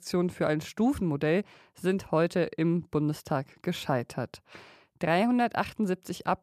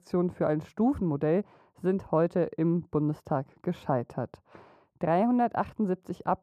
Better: first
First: none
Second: muffled; very; fading above 1.5 kHz

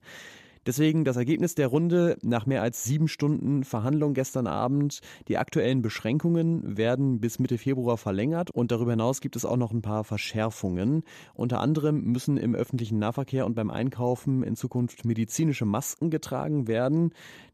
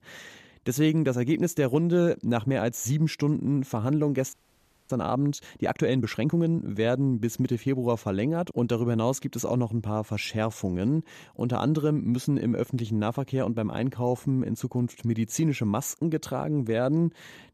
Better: first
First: none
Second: audio freezing; at 4.5 s for 0.5 s

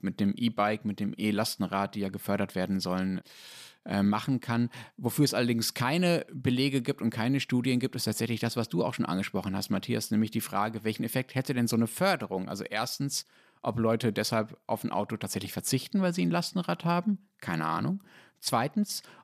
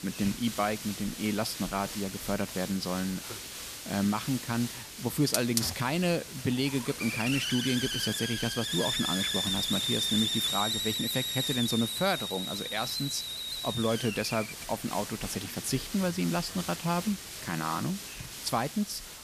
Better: first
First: none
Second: hiss; loud; throughout; 2 dB below the speech

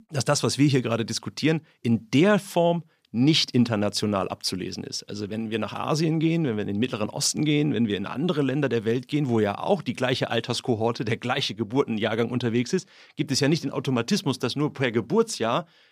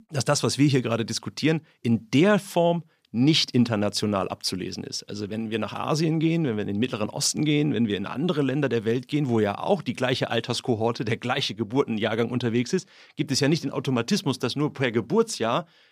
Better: neither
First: none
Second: none

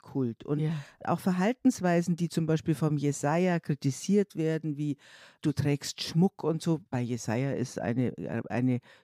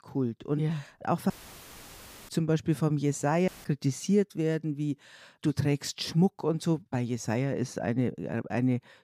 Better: first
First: none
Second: audio cutting out; filled with static; at 1.5 s for 1 s and at 3.5 s

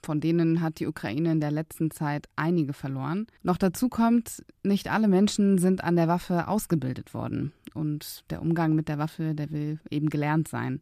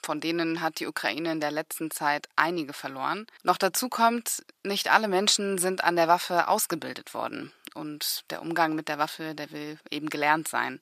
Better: first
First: none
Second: thin; very; fading below 650 Hz

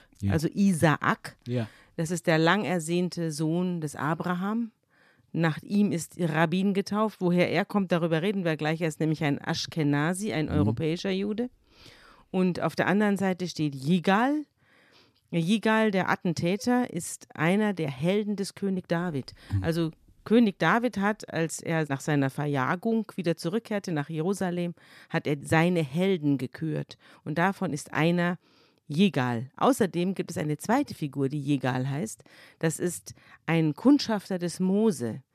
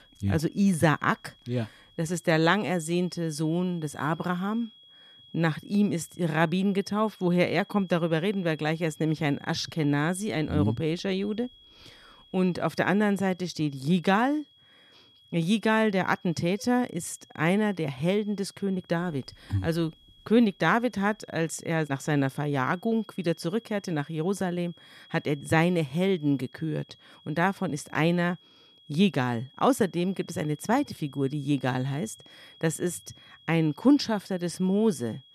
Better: first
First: none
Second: high-pitched whine; faint; throughout; 3.5 kHz, 25 dB below the speech

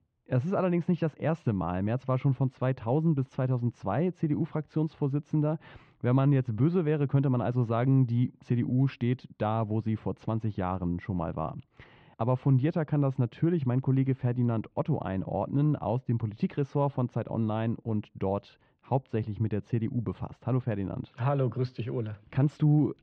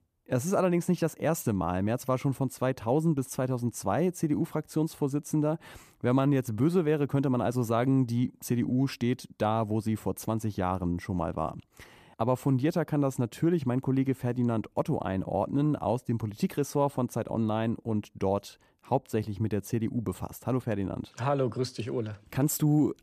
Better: second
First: muffled; very; fading above 3.5 kHz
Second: none

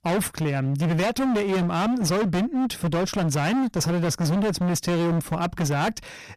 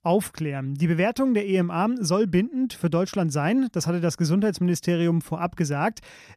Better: second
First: distortion; heavy; 37% of the sound clipped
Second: none

